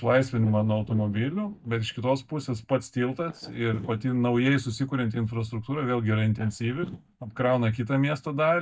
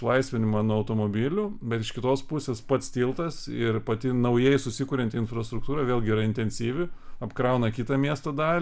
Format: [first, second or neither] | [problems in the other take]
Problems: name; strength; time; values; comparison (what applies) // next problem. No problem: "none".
second | noise reduction (neural mask model DeepFilterNet 3)